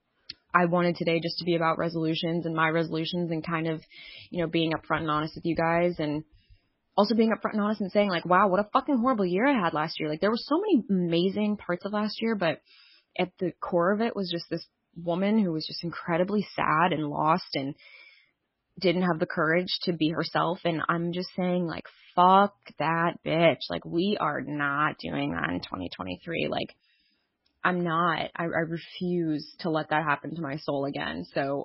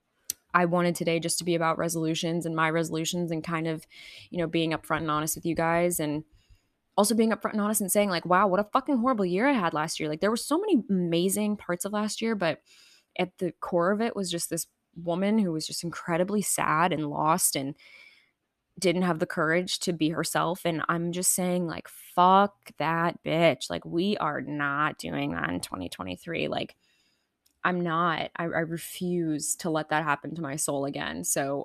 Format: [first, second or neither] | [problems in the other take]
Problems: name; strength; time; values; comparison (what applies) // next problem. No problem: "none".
second | garbled, watery; badly; nothing above 5.5 kHz